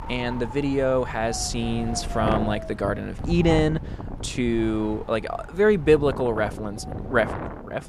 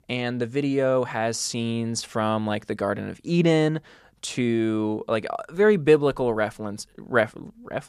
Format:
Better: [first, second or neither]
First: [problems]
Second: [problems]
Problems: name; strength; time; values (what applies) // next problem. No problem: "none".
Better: second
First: wind noise on the microphone; occasional gusts; 10 dB below the speech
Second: none